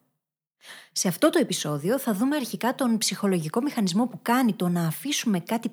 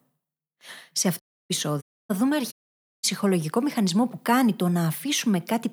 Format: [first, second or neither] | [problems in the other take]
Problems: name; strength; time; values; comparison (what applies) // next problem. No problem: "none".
first | audio cutting out; at 1 s, at 2 s and at 2.5 s for 0.5 s